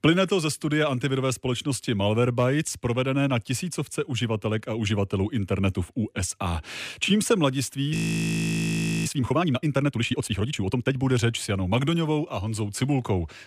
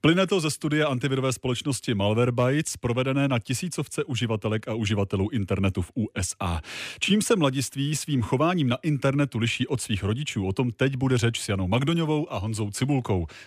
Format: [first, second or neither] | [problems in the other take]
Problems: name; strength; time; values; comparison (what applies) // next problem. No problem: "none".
second | audio freezing; at 8 s for 1 s